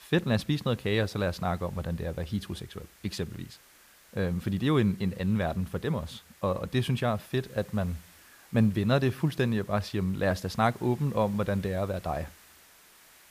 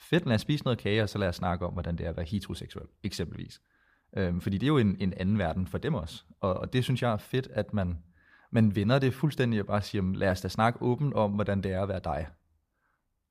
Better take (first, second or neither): second